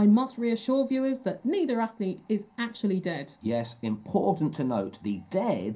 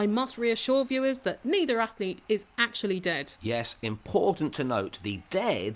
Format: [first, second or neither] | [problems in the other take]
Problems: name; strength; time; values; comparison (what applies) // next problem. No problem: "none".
second | room echo; dies away in 0.3 s